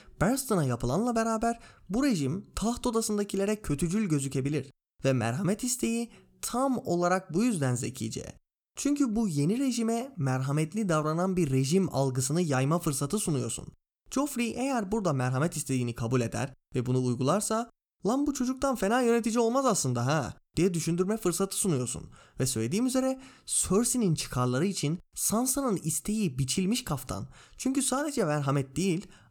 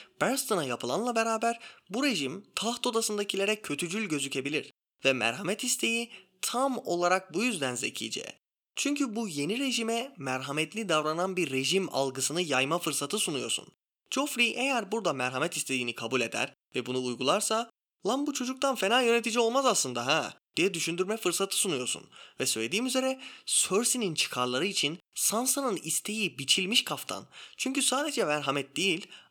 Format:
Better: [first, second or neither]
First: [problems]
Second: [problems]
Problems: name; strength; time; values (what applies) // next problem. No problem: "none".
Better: first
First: none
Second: thin; very slightly; fading below 300 Hz